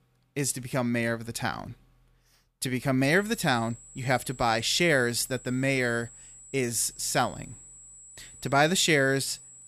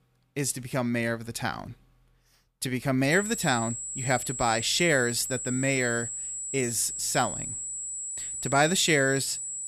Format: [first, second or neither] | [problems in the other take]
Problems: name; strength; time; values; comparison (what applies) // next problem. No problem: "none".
first | high-pitched whine; loud; from 3 s on; 7.5 kHz, 6 dB below the speech; faint in the first